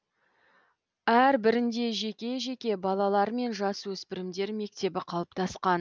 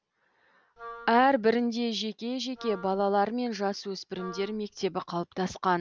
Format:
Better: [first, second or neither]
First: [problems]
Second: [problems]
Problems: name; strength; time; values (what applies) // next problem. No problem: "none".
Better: first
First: none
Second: background sound (Wind instrument, woodwind instrument); 18 dB below the speech